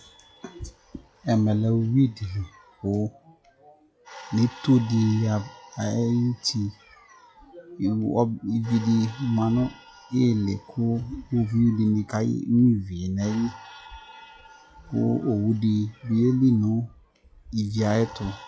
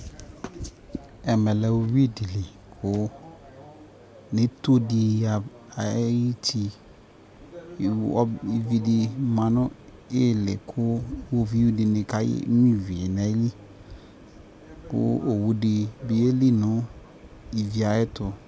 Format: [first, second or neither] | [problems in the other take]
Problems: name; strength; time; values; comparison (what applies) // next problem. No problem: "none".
second | noise reduction (classical method log-MMSE)